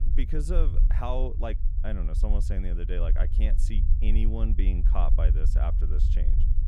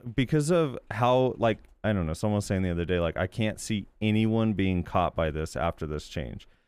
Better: second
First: low rumble; loud; throughout; 9 dB below the speech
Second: none

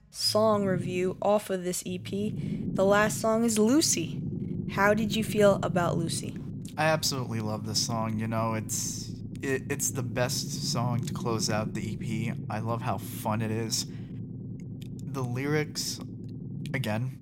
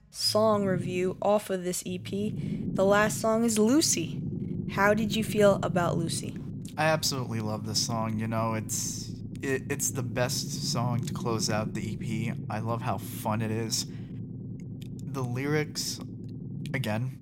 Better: neither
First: low rumble; noticeable; throughout; 15 dB below the speech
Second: low rumble; noticeable; throughout; 15 dB below the speech

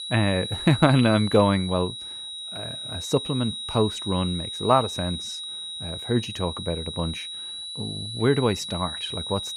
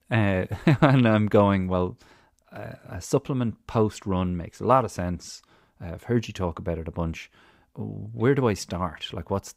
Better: second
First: high-pitched whine; loud; throughout; 4 kHz, 7 dB below the speech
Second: none

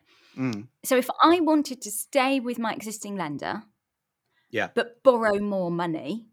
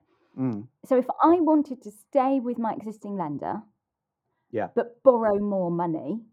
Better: first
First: none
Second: muffled; very; fading above 1.5 kHz

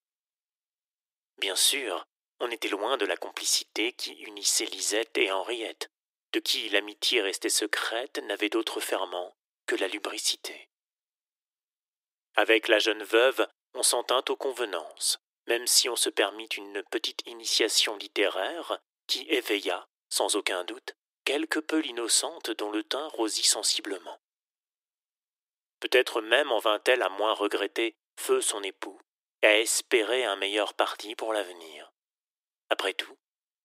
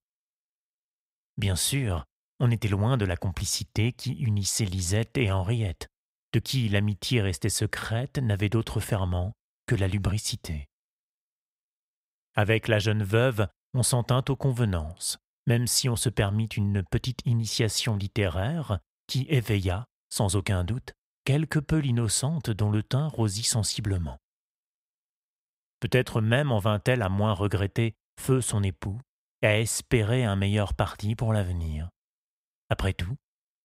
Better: second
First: thin; very; fading below 300 Hz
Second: none

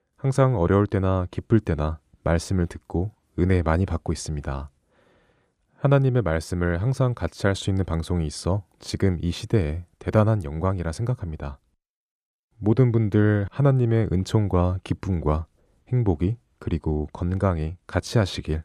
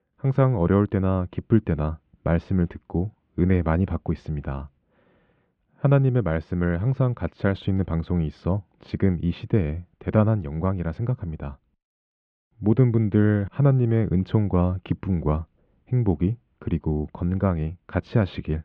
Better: first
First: none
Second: muffled; very; fading above 3 kHz

